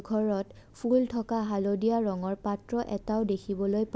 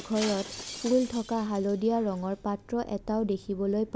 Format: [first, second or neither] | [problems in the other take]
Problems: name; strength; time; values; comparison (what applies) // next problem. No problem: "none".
first | background sound (Shatter); 15 dB below the speech